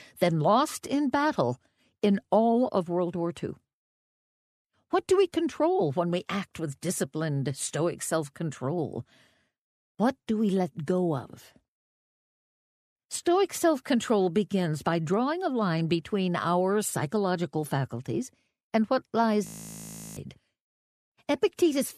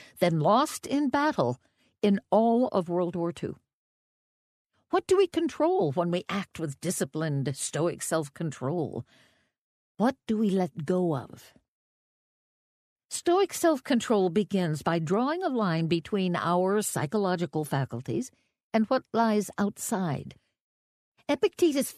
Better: second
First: audio freezing; at 19 s for 0.5 s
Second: none

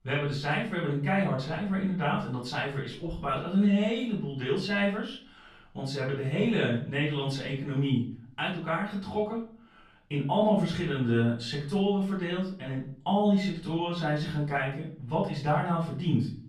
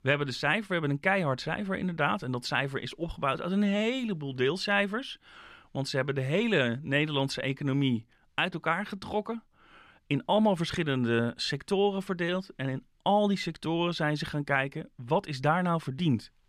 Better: second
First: off-mic speech; far // room echo; noticeable; dies away in 0.4 s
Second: none

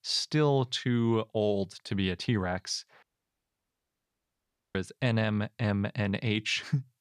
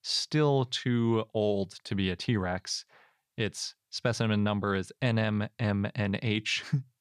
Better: second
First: audio cutting out; at 3 s for 1.5 s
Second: none

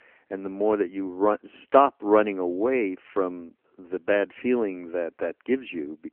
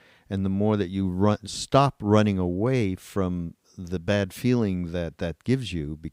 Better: second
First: phone-call audio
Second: none

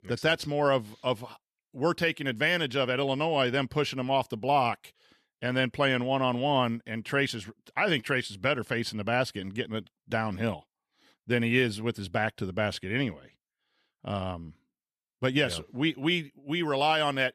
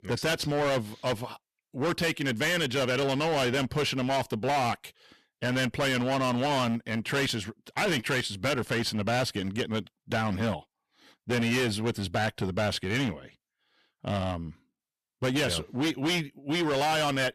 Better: first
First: none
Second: distortion; heavy; 20% of the sound clipped

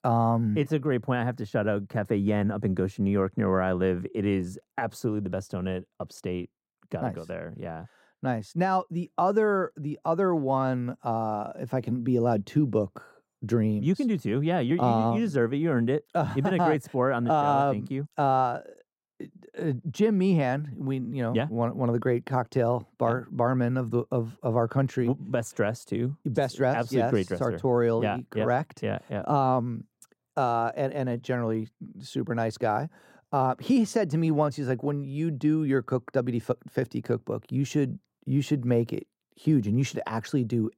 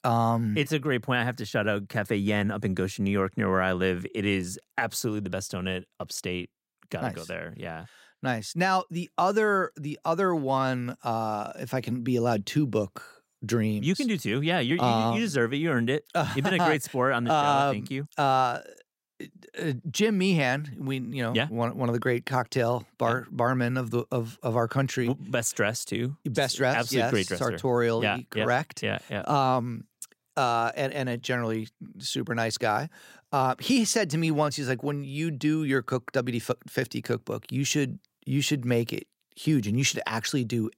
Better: second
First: muffled; slightly; fading above 1.5 kHz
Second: none

